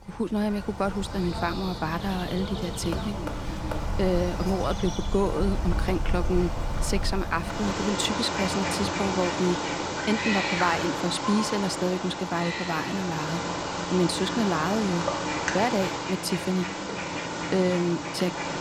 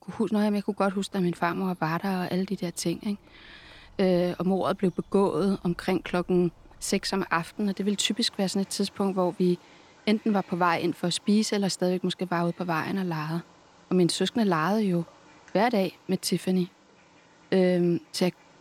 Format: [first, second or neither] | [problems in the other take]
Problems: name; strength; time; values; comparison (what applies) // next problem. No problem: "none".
second | animal sounds; loud; throughout; 2 dB below the speech; faint in the second